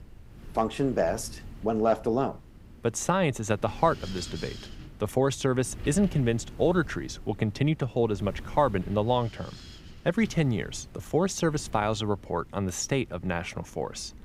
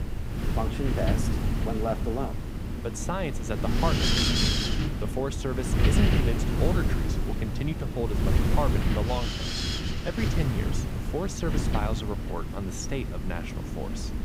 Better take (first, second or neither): first